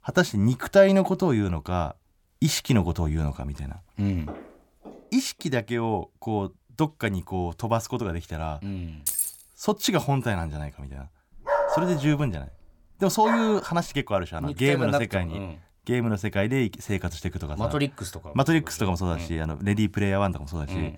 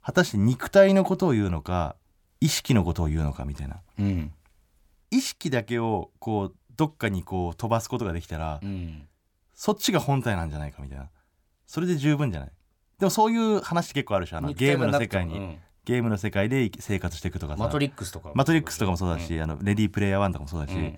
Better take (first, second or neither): second